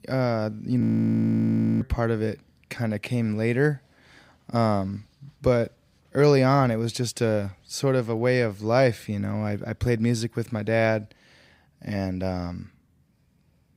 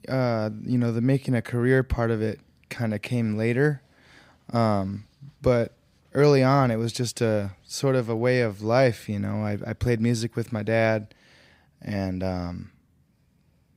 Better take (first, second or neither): second